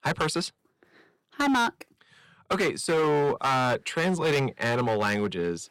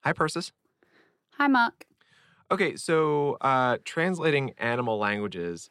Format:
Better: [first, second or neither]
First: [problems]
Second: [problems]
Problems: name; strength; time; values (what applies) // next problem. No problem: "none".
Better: second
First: distortion; heavy; 13% of the sound clipped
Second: none